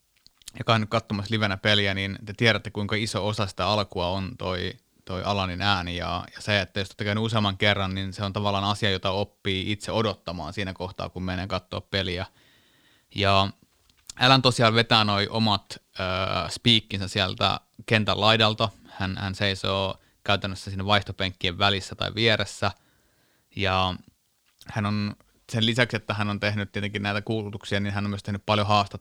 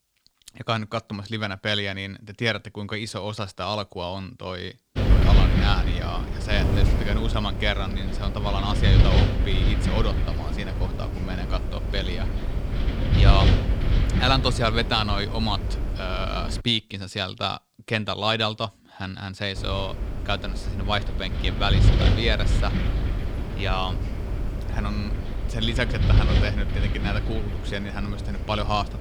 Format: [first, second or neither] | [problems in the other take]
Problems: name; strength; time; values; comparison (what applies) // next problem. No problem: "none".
first | wind noise on the microphone; heavy; from 5 to 17 s and from 20 s on; 6 dB below the speech